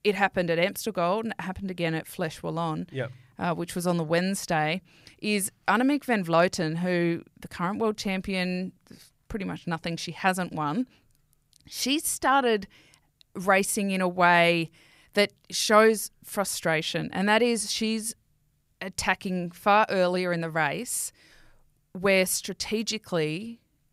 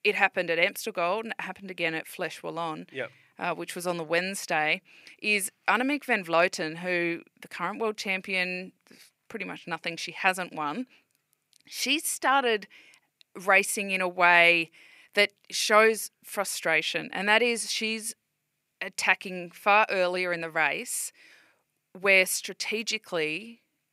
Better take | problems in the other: first | thin; very slightly; fading below 300 Hz

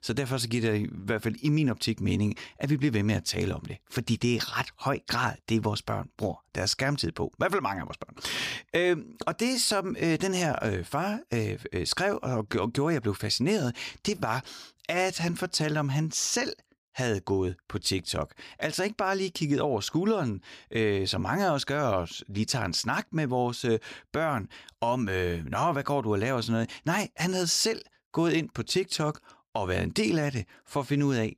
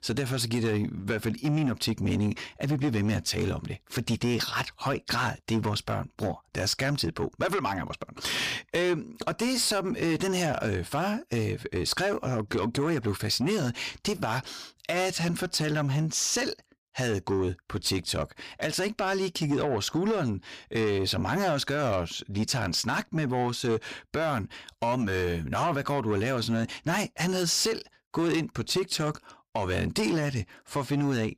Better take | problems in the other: first | distortion; slight; 10 dB below the speech

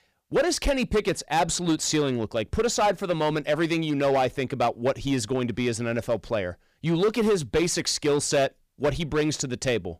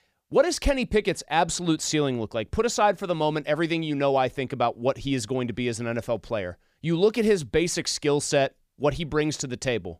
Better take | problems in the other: second | distortion; slight; 7% of the sound clipped

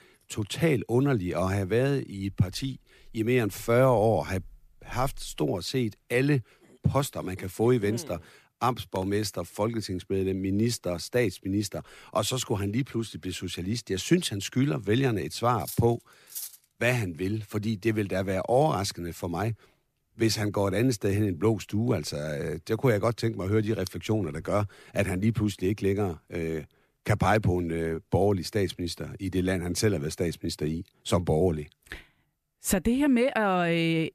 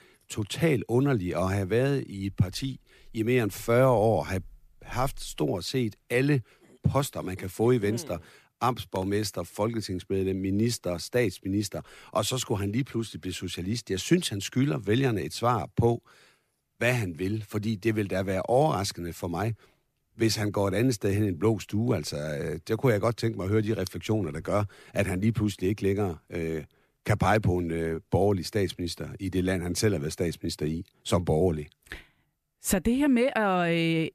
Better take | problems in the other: second | clattering dishes; noticeable; at 16 s; peak 9 dB below the speech

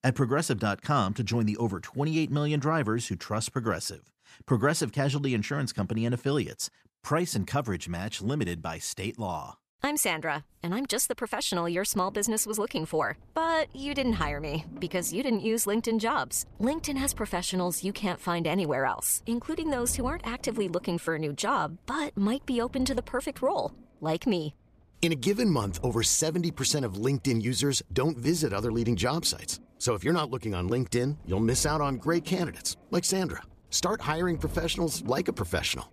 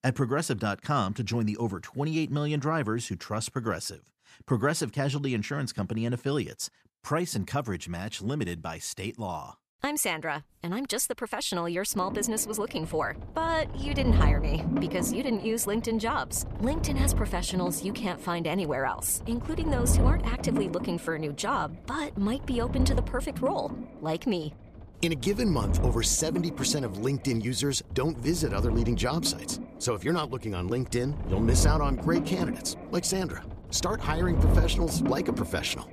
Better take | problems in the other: first | low rumble; loud; from 12 s on; 9 dB below the speech; faint in the first

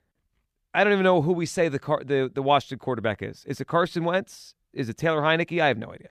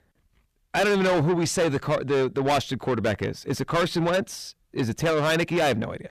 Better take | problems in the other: first | distortion; heavy; 6 dB below the speech

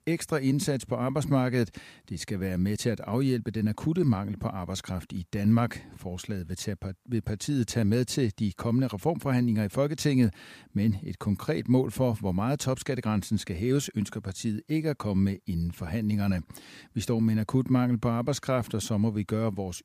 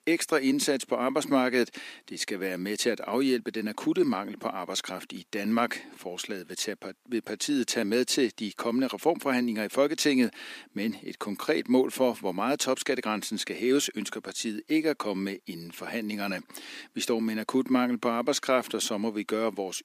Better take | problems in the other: first | thin; very slightly; fading below 300 Hz

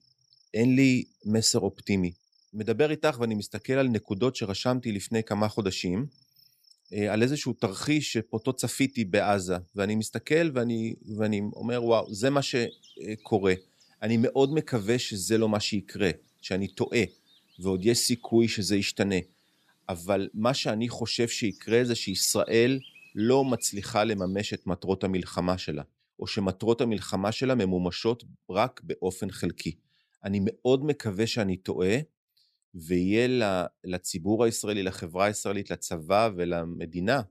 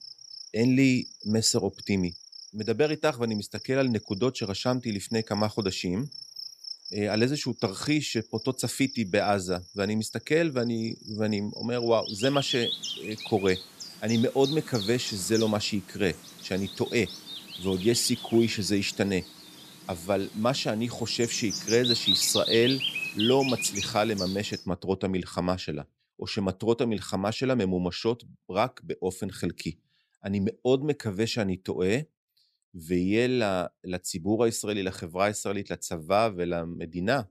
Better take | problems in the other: first | animal sounds; loud; until 25 s; 7 dB below the speech; faint in the first

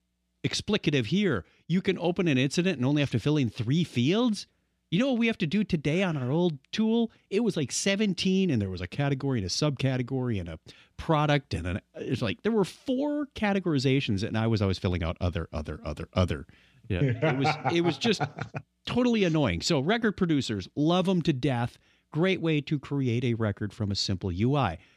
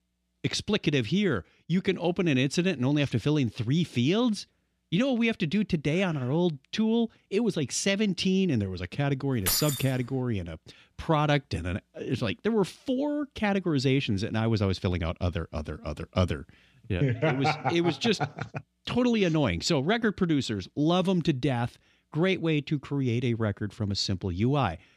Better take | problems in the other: first | jangling keys; loud; at 9.5 s; peak level with the speech

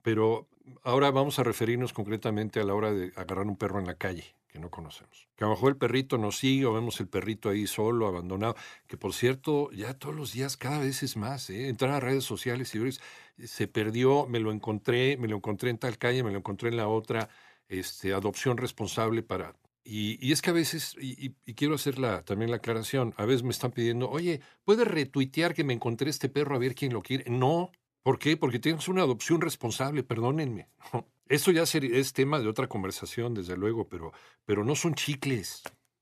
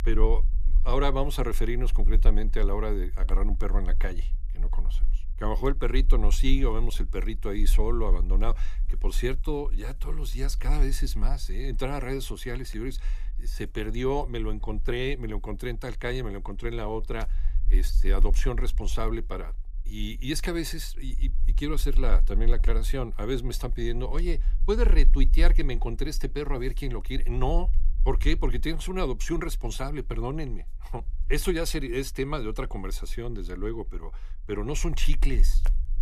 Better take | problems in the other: first | low rumble; faint; throughout; 25 dB below the speech

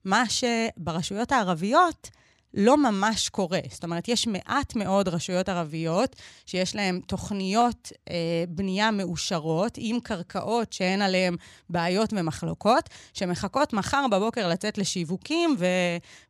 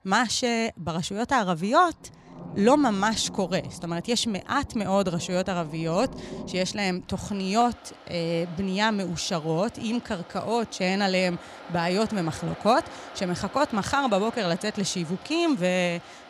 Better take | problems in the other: first | rain or running water; noticeable; throughout; 20 dB below the speech

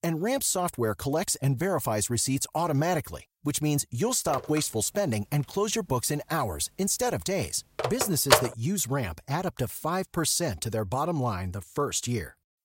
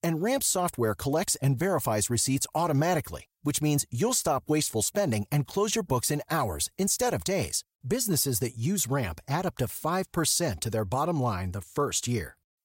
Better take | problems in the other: second | phone ringing; loud; from 4.5 to 8.5 s; peak 6 dB above the speech

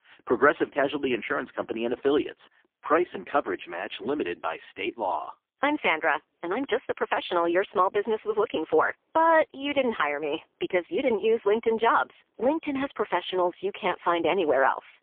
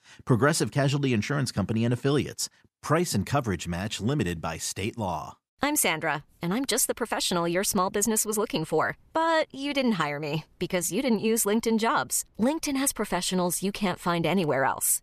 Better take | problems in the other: second | phone-call audio; poor line; nothing above 3.5 kHz

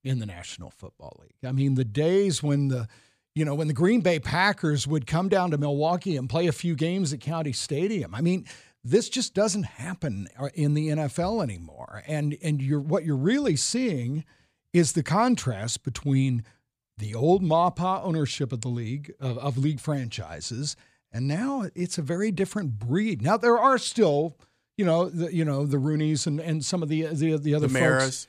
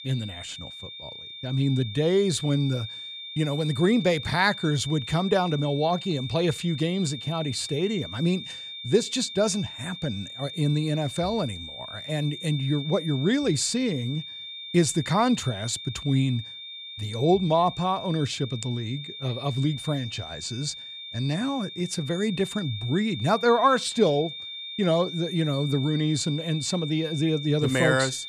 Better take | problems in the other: first | high-pitched whine; noticeable; throughout; 3.5 kHz, 10 dB below the speech

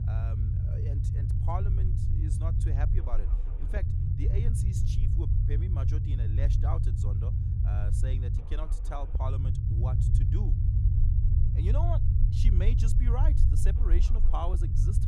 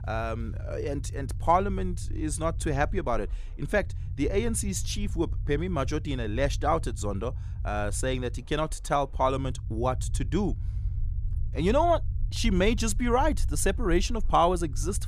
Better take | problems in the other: second | low rumble; loud; throughout; 1 dB below the speech; faint in the second

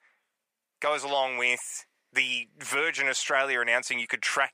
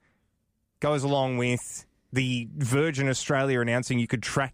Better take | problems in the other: second | thin; very; fading below 750 Hz

